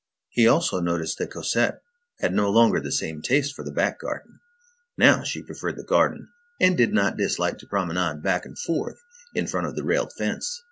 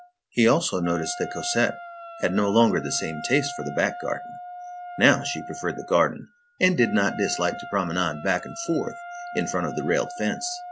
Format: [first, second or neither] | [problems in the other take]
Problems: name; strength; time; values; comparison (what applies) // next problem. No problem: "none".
first | background sound (Wind instrument, woodwind instrument); 12 dB below the speech